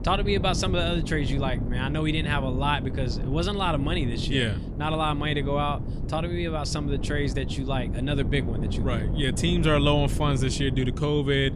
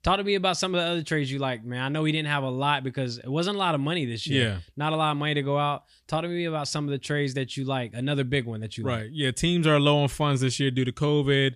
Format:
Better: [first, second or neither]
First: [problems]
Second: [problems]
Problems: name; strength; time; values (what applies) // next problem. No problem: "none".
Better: second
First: wind noise on the microphone; occasional gusts; 10 dB below the speech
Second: none